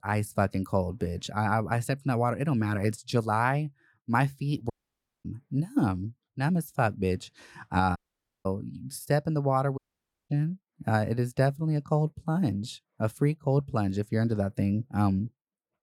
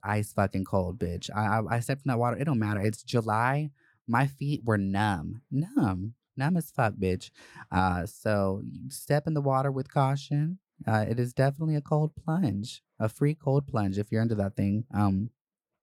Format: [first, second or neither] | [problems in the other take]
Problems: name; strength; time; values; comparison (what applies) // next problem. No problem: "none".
second | audio cutting out; at 4.5 s for 0.5 s, at 8 s and at 10 s for 0.5 s